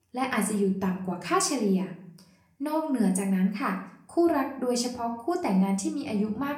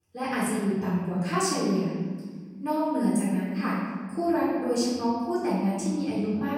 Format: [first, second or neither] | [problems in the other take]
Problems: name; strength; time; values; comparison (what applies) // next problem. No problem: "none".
first | room echo; strong; dies away in 1.5 s; slight in the first // off-mic speech; far; somewhat distant in the first